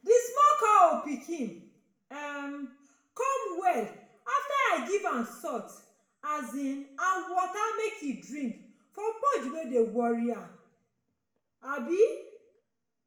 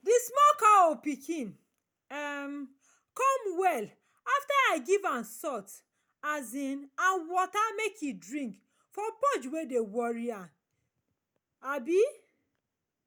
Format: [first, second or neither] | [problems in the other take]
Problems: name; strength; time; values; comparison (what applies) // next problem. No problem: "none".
second | room echo; dies away in 0.7 s